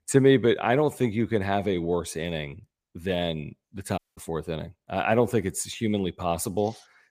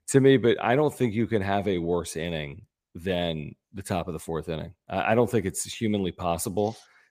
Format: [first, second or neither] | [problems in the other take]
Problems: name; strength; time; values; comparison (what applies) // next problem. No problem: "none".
second | audio cutting out; at 4 s